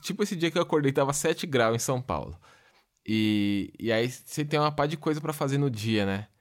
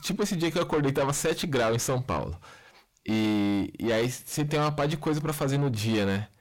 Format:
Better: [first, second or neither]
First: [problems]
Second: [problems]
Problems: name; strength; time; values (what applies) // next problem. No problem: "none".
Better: first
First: none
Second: distortion; heavy; 6 dB below the speech